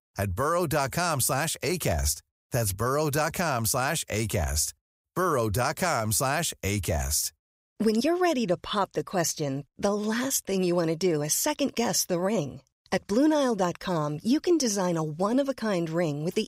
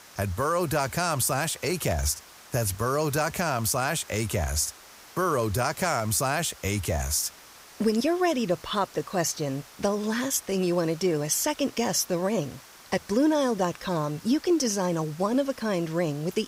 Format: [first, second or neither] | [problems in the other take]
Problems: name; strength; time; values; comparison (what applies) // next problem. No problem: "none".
first | hiss; faint; throughout; 20 dB below the speech